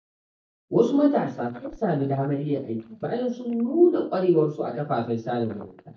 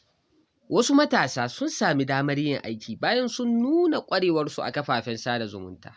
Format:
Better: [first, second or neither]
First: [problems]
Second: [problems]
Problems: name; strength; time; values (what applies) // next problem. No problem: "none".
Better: second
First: noise reduction (neural mask model DeepFilterNet 3)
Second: none